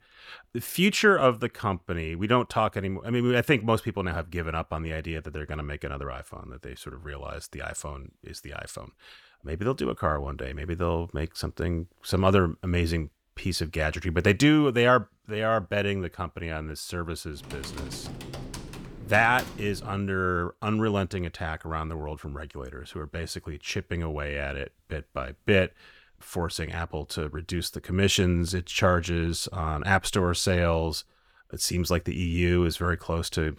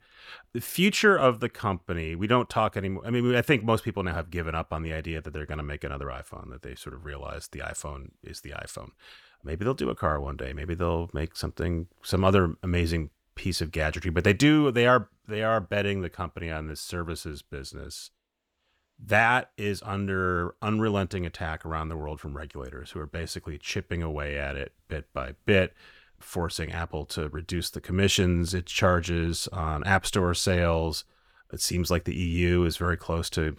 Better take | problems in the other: second | keyboard typing; faint; from 17 to 20 s; peak 10 dB below the speech

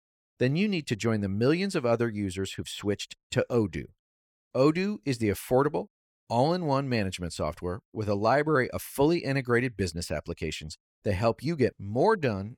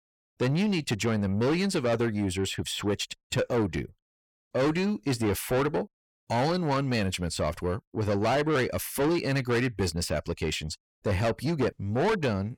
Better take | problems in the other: first | distortion; heavy; 7 dB below the speech

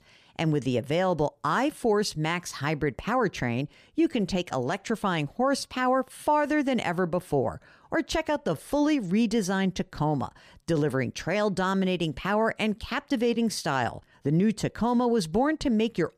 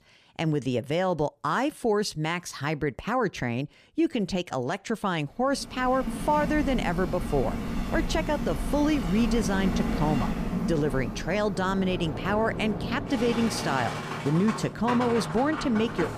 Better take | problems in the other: first | train or aircraft noise; loud; from 6 s on; 5 dB below the speech

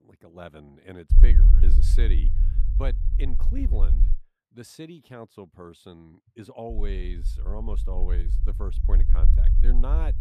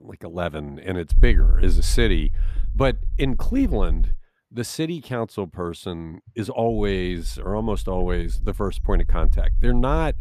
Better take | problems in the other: second | low rumble; loud; from 1 to 4 s and from 6.5 s on; 5 dB below the speech; faint in the second

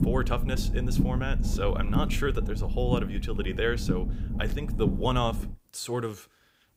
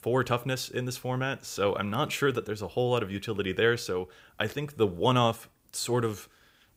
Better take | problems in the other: second | low rumble; loud; until 5.5 s; 8 dB below the speech

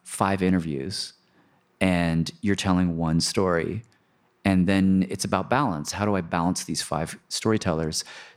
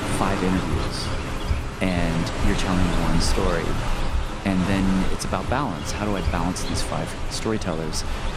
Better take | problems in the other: first | animal sounds; loud; throughout; 2 dB below the speech

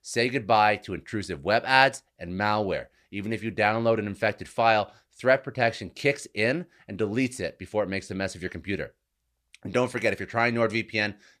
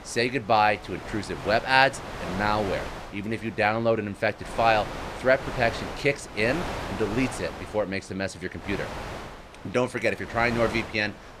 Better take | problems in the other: first | wind noise on the microphone; occasional gusts; 10 dB below the speech

